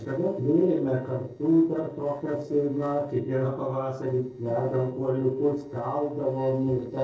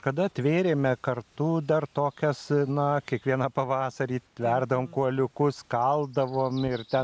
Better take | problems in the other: second | noise reduction (neural separator model SepFormer DNS4)

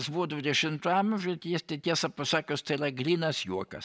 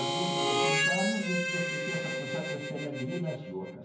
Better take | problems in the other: first | background sound (Harmonica); 3 dB above the speech // room echo; dies away in 0.9 s

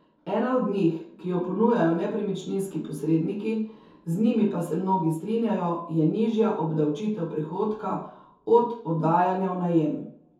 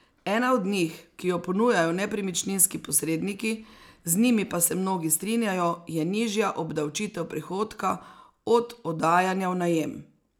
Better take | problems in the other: second | room echo; dies away in 0.6 s

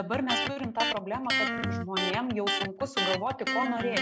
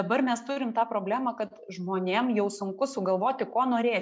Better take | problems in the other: second | background sound (Electric guitar); 1 dB above the speech

